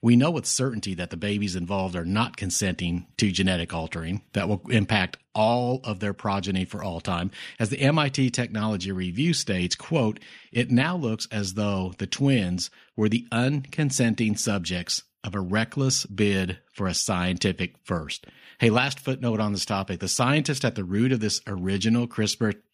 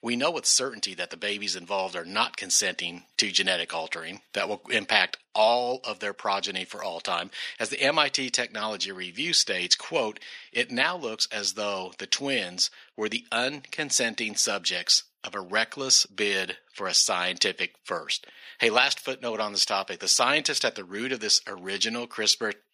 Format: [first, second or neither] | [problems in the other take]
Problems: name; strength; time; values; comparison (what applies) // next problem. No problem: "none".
first | thin; very; fading below 550 Hz